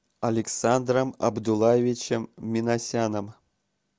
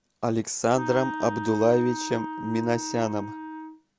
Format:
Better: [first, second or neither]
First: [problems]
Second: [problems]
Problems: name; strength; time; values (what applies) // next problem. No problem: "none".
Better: first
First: none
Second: background sound (Wind instrument, woodwind instrument); 9 dB below the speech